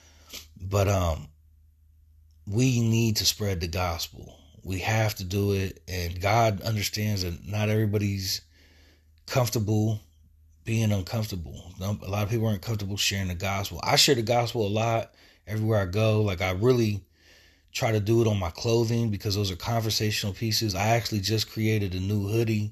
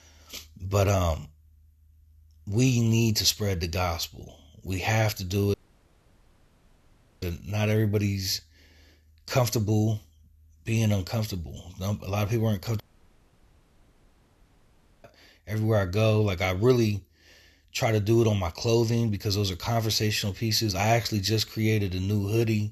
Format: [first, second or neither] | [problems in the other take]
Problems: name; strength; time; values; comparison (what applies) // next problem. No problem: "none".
first | audio cutting out; at 5.5 s for 1.5 s and at 13 s for 2 s